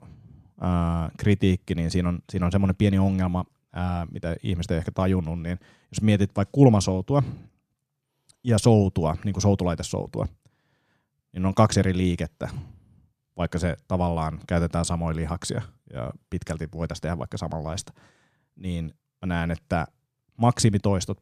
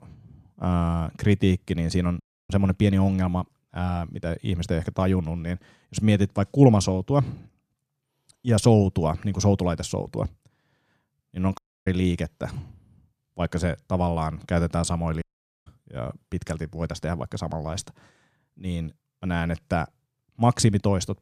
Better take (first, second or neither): first